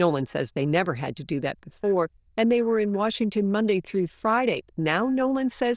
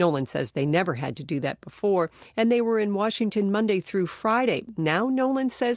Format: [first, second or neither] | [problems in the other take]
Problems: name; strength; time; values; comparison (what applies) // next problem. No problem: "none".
second | noise reduction (neural diffusion model UNIVERSE++)